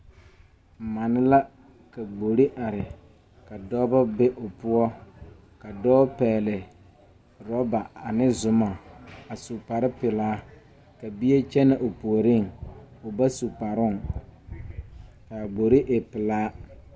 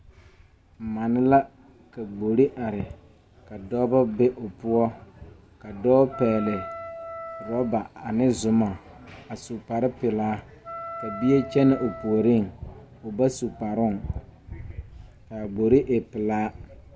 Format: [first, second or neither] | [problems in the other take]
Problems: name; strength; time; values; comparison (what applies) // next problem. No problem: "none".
first | background sound (Wind instrument, woodwind instrument); 12 dB below the speech